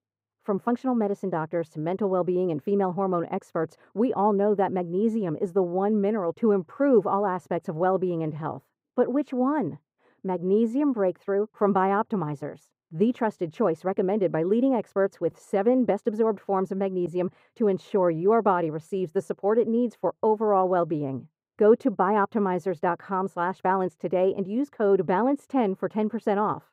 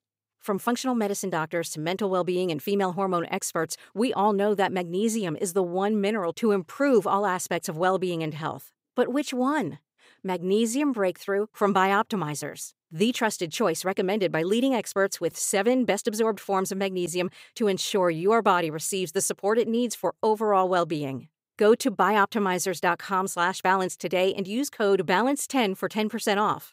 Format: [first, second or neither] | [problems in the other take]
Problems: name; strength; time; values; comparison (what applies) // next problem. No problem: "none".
second | muffled; very; fading above 2 kHz